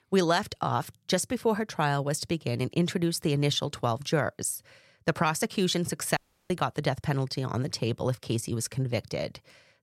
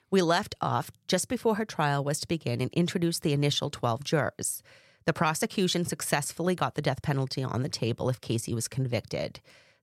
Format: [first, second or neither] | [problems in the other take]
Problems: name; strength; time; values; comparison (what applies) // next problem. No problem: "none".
second | audio cutting out; at 6 s